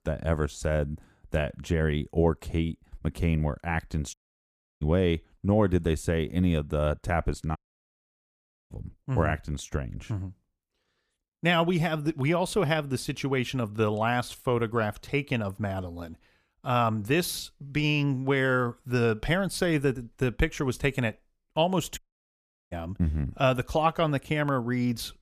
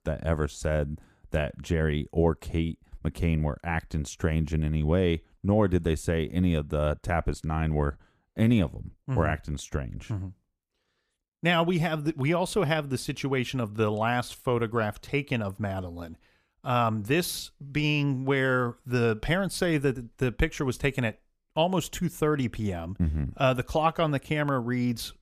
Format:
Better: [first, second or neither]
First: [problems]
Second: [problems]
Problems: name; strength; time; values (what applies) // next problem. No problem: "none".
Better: second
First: audio cutting out; at 4 s for 0.5 s, at 7.5 s for 1 s and at 22 s for 0.5 s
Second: none